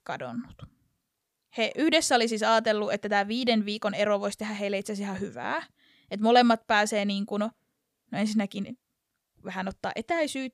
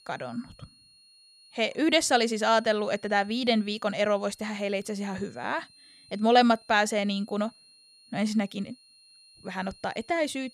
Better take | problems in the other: first | high-pitched whine; faint; throughout; 4.5 kHz, 25 dB below the speech

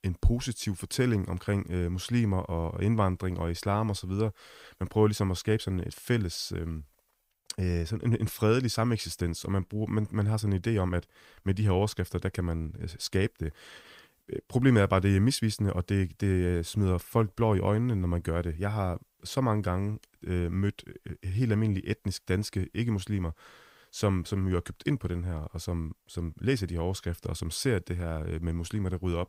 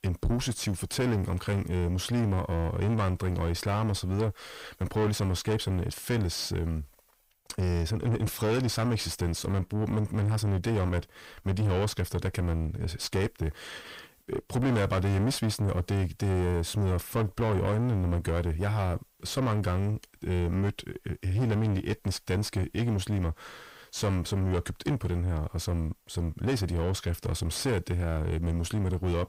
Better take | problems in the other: first | distortion; heavy; 7 dB below the speech

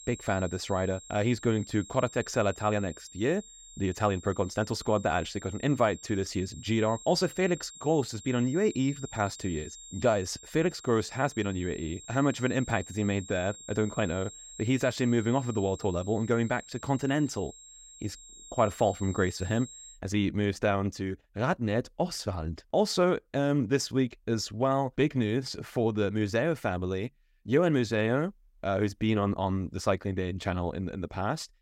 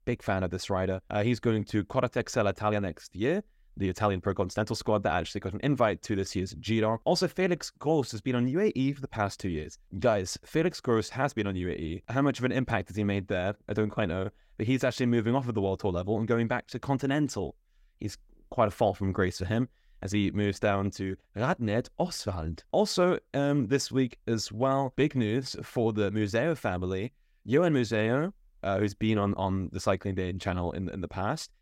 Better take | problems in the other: second | high-pitched whine; noticeable; until 20 s; 7.5 kHz, 15 dB below the speech

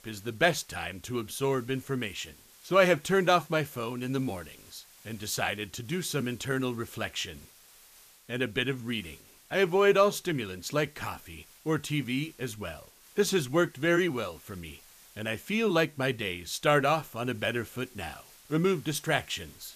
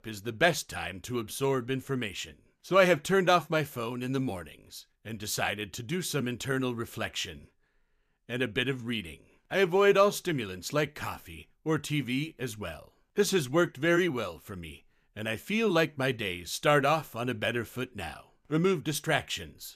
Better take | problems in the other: second | hiss; faint; throughout; 25 dB below the speech

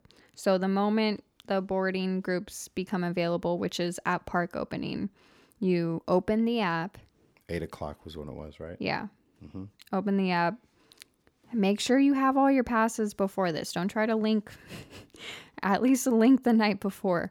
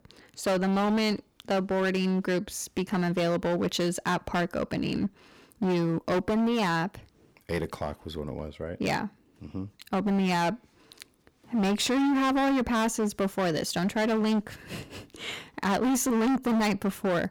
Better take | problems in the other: first | distortion; heavy; 18% of the sound clipped

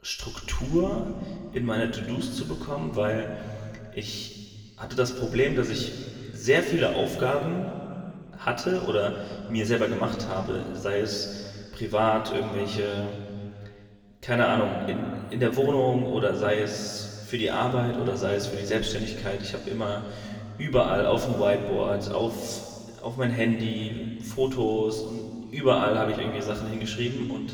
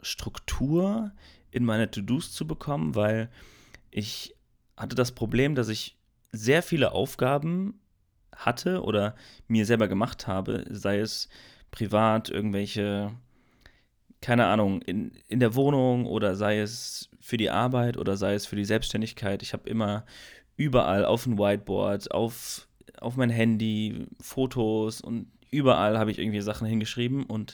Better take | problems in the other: second | room echo; noticeable; dies away in 2.3 s // off-mic speech; somewhat distant

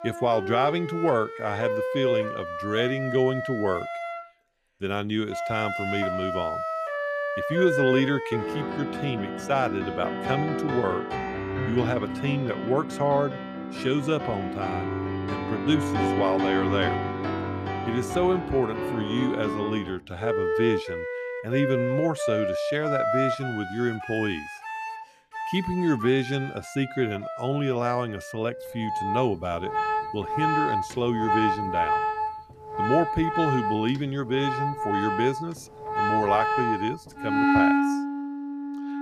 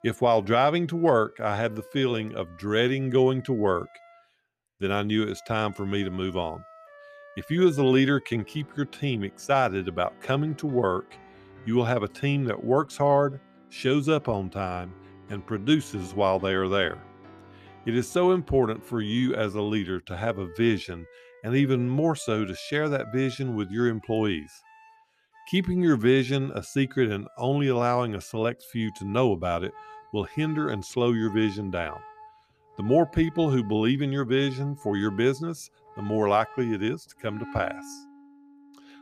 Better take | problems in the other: second | background music; loud; throughout; 1 dB below the speech; faint in the second

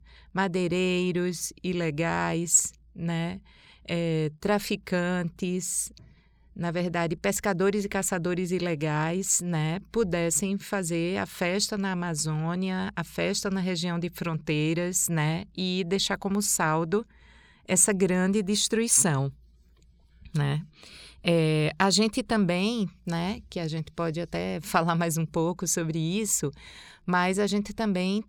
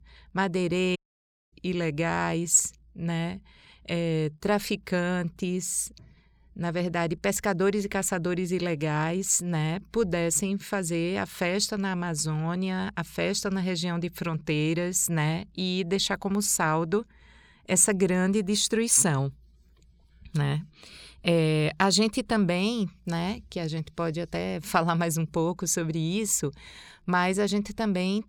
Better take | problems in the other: first | audio cutting out; at 1 s for 0.5 s

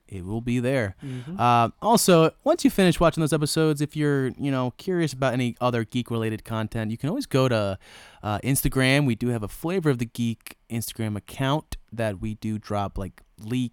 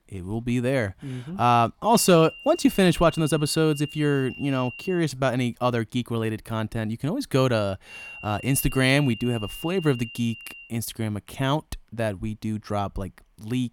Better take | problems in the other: first | high-pitched whine; noticeable; from 2 to 5 s and from 8 to 11 s; 3 kHz, 15 dB below the speech

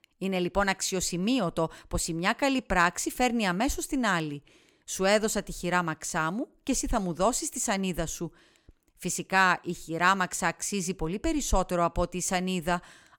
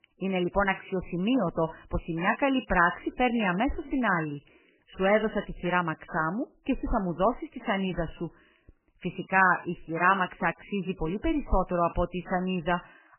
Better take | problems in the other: first | garbled, watery; badly; nothing above 3 kHz

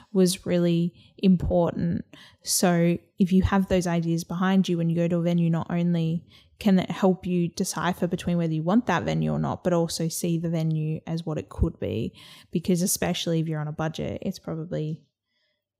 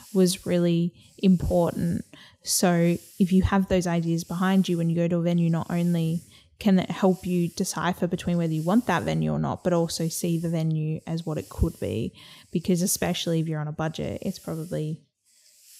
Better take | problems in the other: first | hiss; faint; throughout; 25 dB below the speech

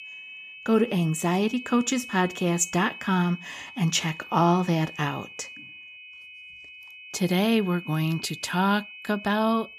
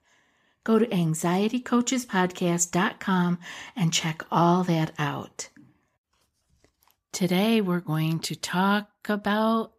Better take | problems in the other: second | high-pitched whine; noticeable; throughout; 2.5 kHz, 15 dB below the speech

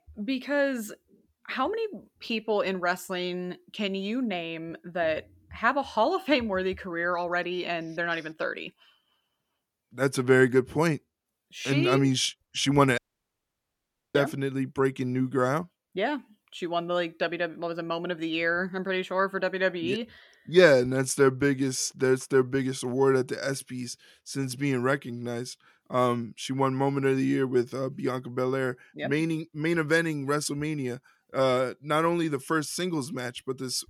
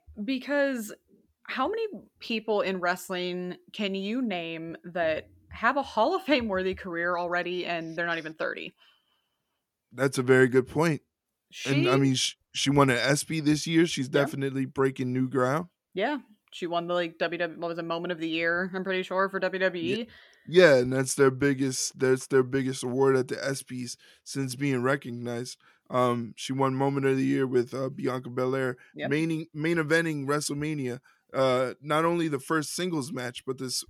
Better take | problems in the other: second | audio cutting out; at 13 s for 1 s

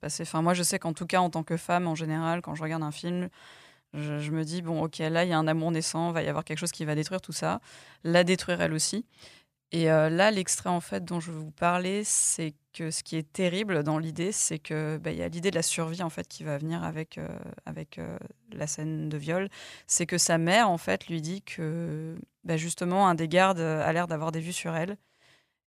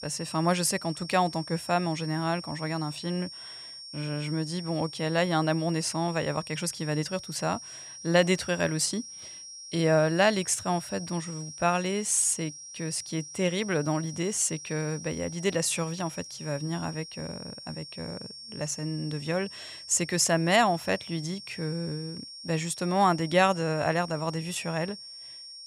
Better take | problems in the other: first | high-pitched whine; noticeable; throughout; 5.5 kHz, 10 dB below the speech

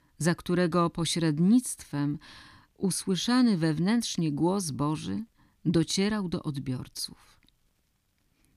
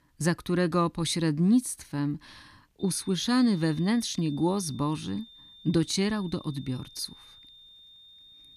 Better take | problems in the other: first | high-pitched whine; faint; from 3 s on; 3.5 kHz, 20 dB below the speech

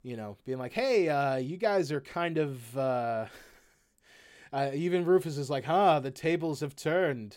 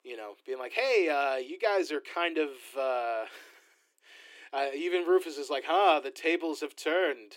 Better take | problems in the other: first | thin; somewhat; fading below 300 Hz

